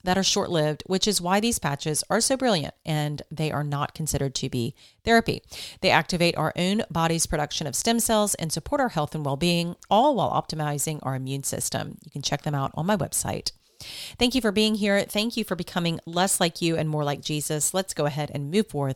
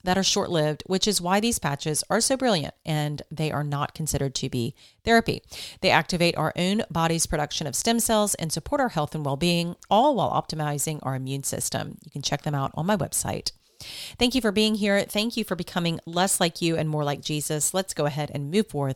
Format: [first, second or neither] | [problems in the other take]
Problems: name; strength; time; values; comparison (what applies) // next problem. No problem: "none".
neither | none